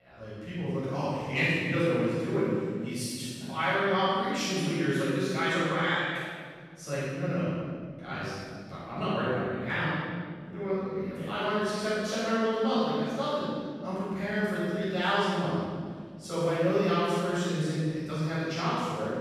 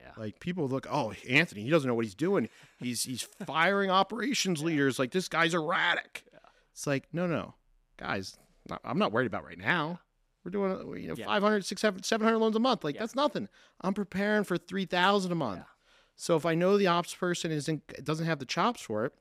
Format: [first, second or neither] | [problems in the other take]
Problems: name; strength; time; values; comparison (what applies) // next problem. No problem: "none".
second | room echo; strong; dies away in 1.9 s // off-mic speech; far